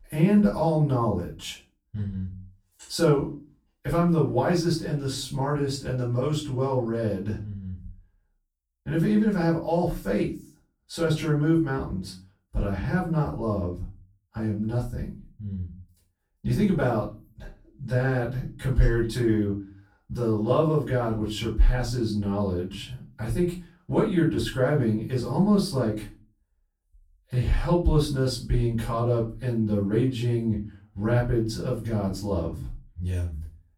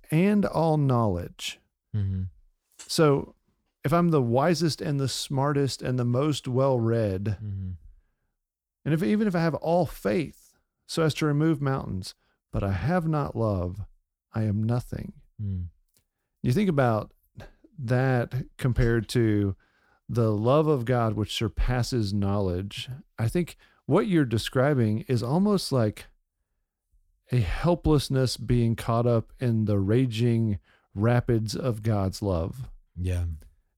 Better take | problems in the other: second | off-mic speech; far // room echo; slight; dies away in 0.3 s

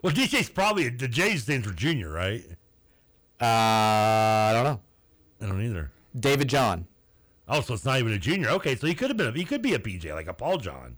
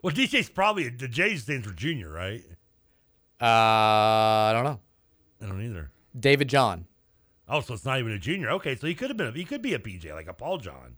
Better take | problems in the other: second | distortion; heavy; 10% of the sound clipped

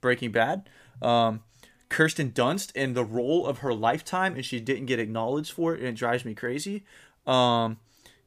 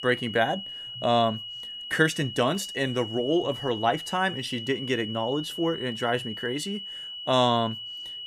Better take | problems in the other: first | high-pitched whine; loud; throughout; 3 kHz, 8 dB below the speech

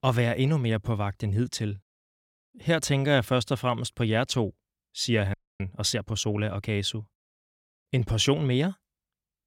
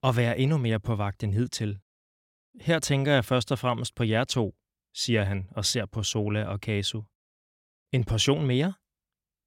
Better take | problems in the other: second | audio freezing; at 5.5 s

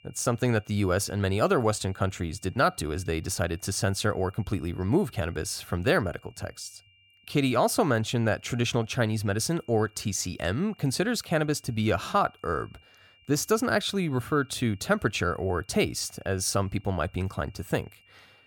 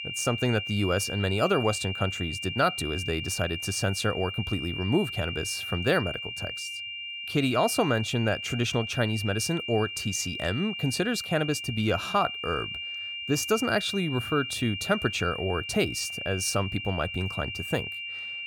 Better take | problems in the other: first | high-pitched whine; loud; throughout; 3 kHz, 5 dB below the speech; faint in the first

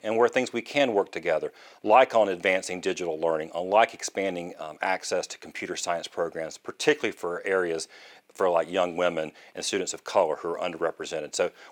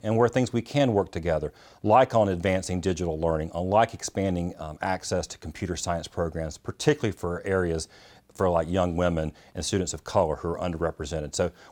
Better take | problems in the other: second | thin; somewhat; fading below 400 Hz

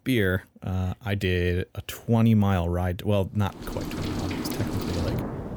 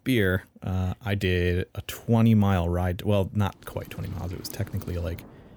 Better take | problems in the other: second | rain or running water; loud; from 3.5 s on; 5 dB below the speech; faint in the second

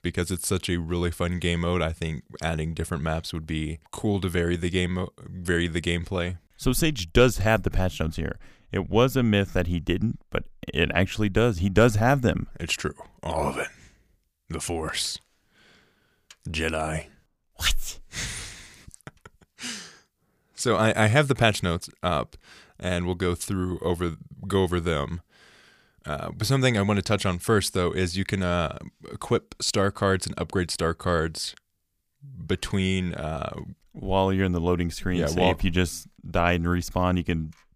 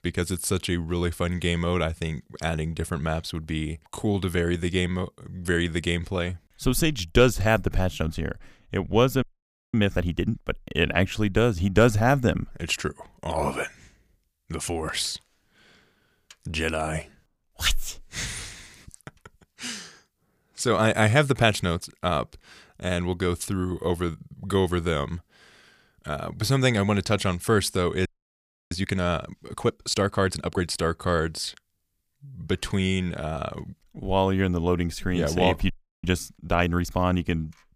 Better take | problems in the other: first | audio freezing; at 9 s for 0.5 s, at 28 s for 0.5 s and at 36 s

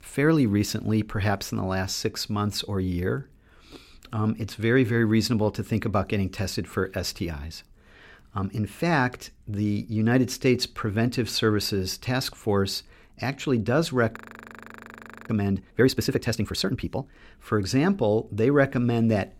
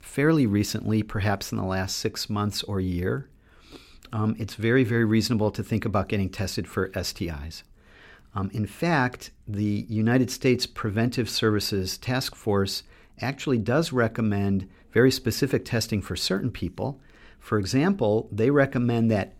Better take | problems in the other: second | audio freezing; at 14 s for 1 s

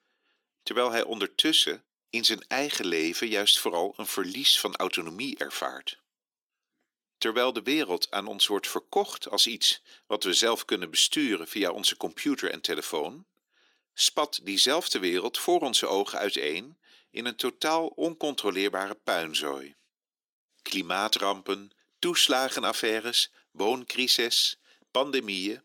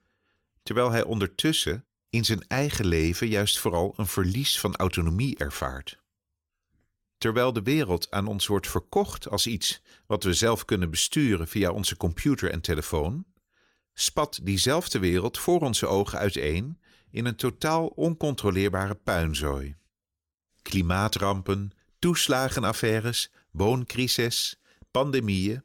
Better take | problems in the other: second | thin; somewhat; fading below 300 Hz

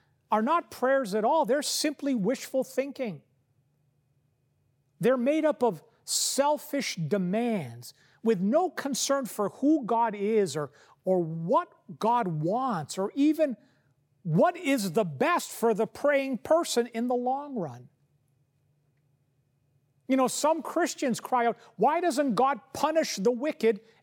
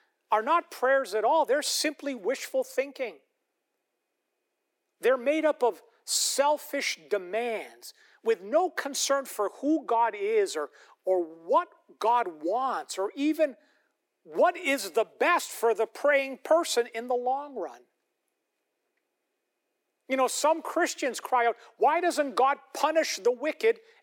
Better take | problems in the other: first | thin; somewhat; fading below 300 Hz

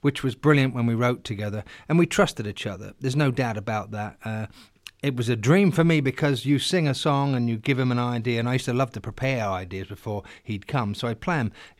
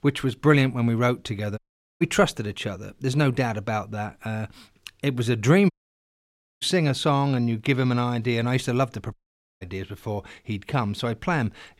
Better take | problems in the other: first | audio cutting out; at 1.5 s, at 5.5 s for 1 s and at 9 s

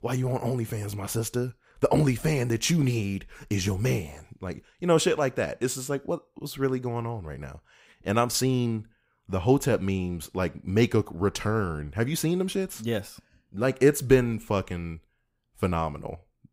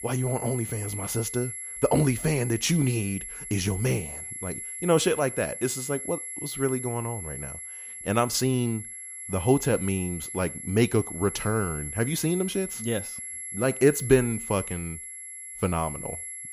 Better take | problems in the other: first | high-pitched whine; loud; throughout; 11 kHz, 8 dB below the speech

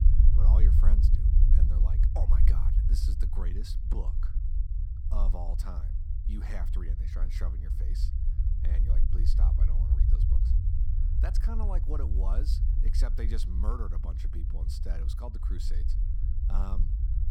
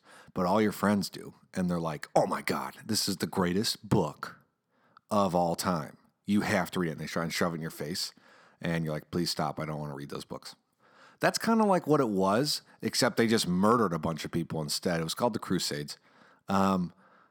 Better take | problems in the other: second | low rumble; loud; throughout; 2 dB below the speech

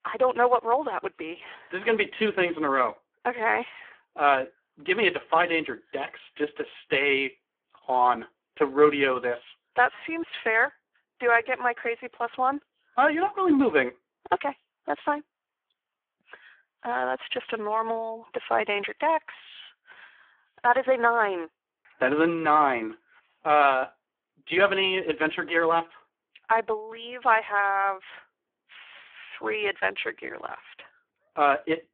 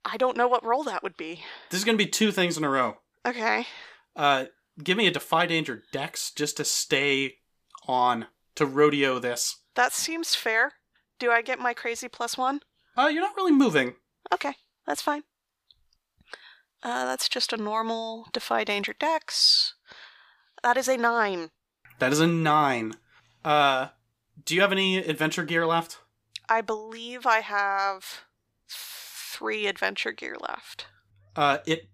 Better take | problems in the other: second | phone-call audio; poor line

